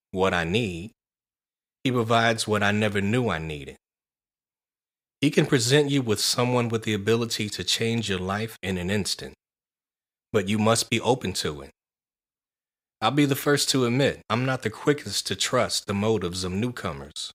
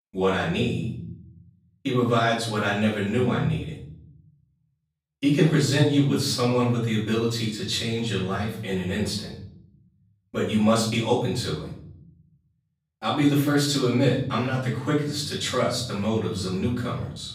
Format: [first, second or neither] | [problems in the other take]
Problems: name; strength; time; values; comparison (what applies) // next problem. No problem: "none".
first | off-mic speech; far // room echo; noticeable; dies away in 0.9 s